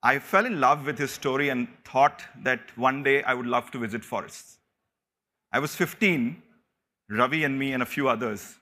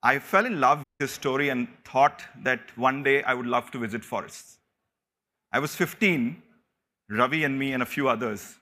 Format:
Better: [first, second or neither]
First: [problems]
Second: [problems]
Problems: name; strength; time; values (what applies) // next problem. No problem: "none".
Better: first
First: none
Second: audio cutting out; at 1 s